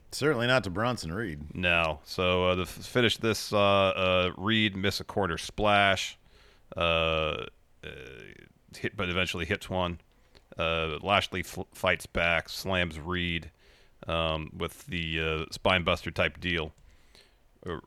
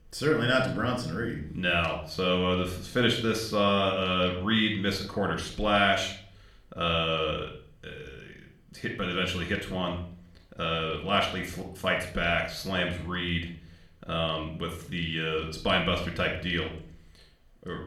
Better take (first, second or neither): first